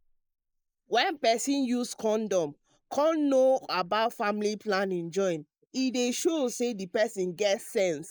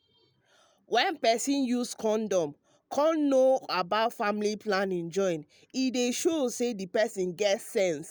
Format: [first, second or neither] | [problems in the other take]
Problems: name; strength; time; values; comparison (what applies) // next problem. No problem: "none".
second | noise reduction (neural mask model Resemble Enhance denoiser)